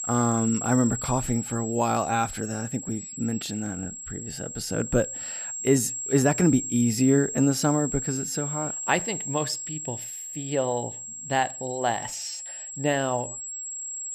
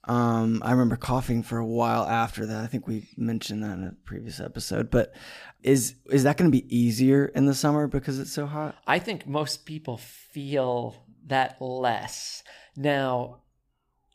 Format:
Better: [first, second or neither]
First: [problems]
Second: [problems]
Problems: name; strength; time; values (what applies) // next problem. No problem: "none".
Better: second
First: high-pitched whine; loud; throughout; 7.5 kHz, 6 dB below the speech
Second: none